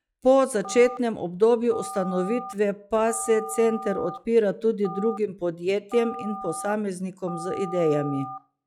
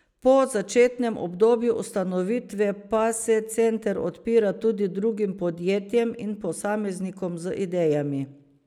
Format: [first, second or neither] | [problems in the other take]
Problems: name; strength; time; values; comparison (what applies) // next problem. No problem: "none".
second | noise reduction (classical method log-MMSE)